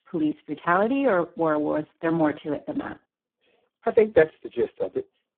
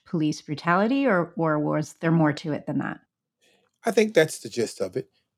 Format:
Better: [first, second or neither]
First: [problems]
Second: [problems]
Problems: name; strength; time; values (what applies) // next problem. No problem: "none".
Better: second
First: phone-call audio; poor line; nothing above 3.5 kHz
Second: none